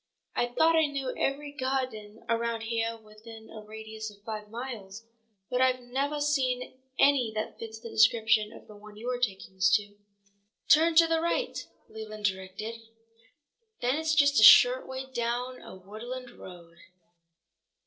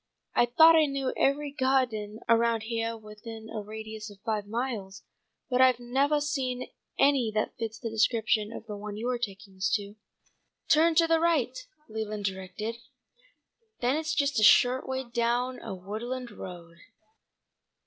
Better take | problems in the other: second | noise reduction (neural separator model SepFormer DNS4)

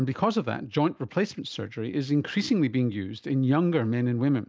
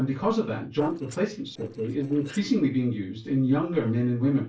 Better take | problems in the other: first | noise reduction (neural separator model SepFormer DNS4)

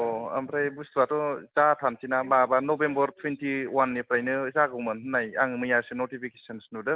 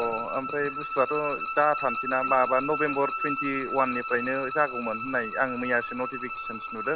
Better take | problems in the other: first | background sound (Bowed string instrument); 5 dB below the speech

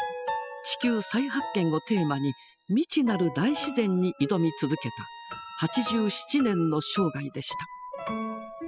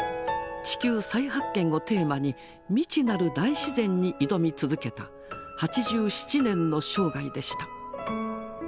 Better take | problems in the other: second | noise reduction (classical method spectral subtraction)

